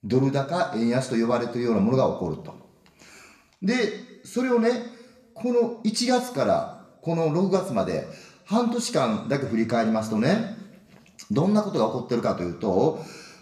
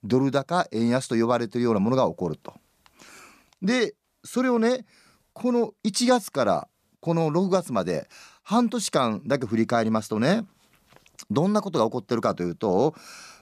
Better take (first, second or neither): second